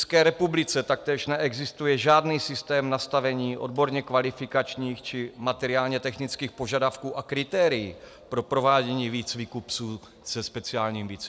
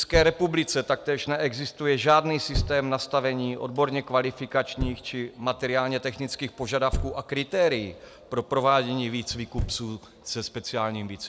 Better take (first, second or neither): first